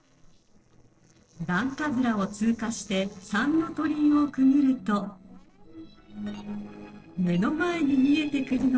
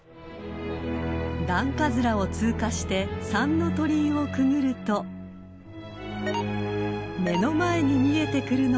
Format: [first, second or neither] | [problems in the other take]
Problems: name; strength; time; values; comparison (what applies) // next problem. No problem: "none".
second | noise reduction (neural separator model SepFormer DNS4)